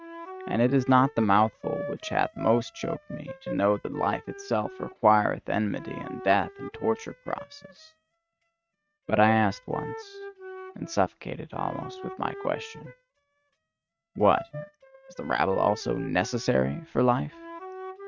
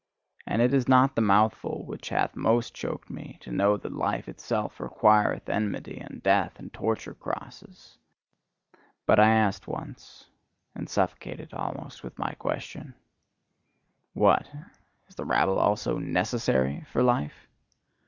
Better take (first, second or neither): second